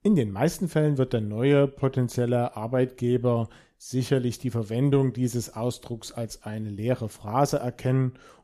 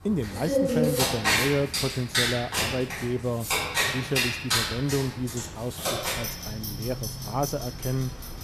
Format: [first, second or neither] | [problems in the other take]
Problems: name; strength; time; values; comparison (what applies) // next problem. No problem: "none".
first | household noises; very loud; throughout; 4 dB above the speech